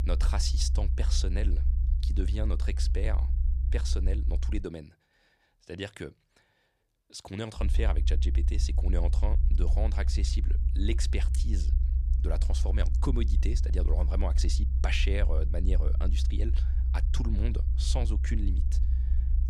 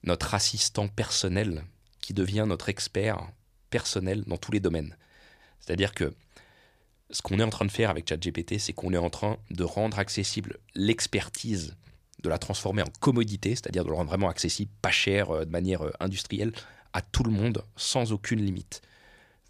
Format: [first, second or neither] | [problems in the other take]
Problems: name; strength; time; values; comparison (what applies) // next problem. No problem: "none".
second | low rumble; loud; until 4.5 s and from 7.5 s on; 9 dB below the speech